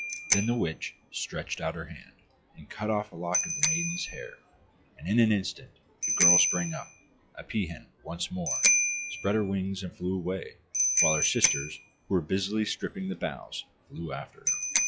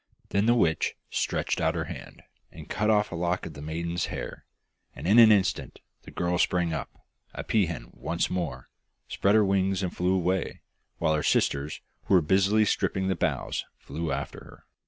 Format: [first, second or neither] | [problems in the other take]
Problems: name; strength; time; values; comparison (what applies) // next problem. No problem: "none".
second | noise reduction (classical method log-MMSE)